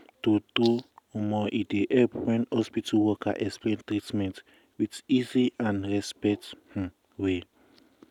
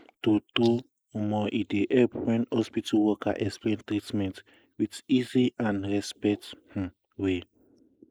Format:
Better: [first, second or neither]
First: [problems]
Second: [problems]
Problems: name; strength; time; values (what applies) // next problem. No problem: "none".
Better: first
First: none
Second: noise reduction (neural mask model Resemble Enhance denoiser)